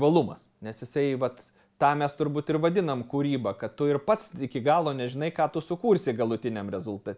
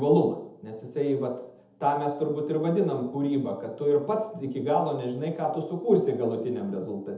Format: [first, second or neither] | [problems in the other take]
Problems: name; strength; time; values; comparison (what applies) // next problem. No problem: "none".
first | room echo; dies away in 0.7 s